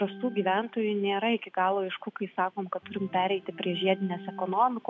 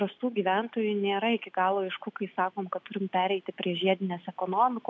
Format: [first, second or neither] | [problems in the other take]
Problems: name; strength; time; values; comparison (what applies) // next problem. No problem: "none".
second | background sound (Organ); 18 dB below the speech